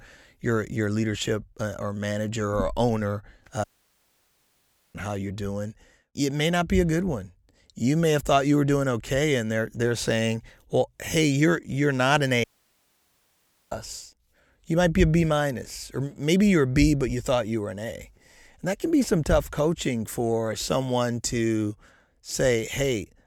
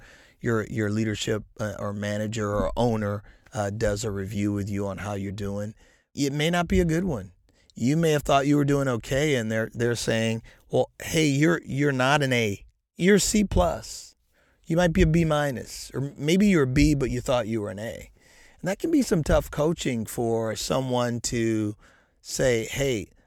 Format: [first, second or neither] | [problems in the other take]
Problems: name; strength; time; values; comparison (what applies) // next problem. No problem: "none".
second | audio cutting out; at 3.5 s for 1.5 s and at 12 s for 1.5 s